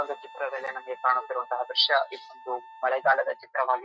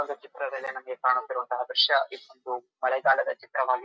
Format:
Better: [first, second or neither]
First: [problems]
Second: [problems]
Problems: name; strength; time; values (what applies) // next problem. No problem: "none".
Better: second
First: background sound (Wind instrument, woodwind instrument); 20 dB below the speech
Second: none